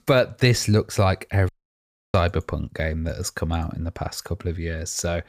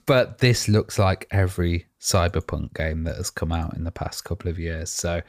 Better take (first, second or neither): second